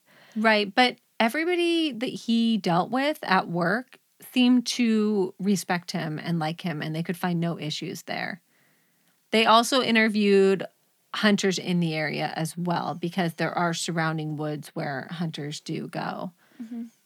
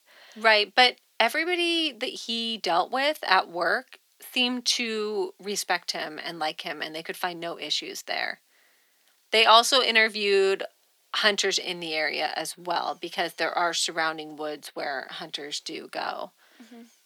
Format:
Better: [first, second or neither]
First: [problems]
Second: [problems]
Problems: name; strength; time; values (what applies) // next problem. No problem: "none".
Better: first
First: none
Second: thin; very; fading below 400 Hz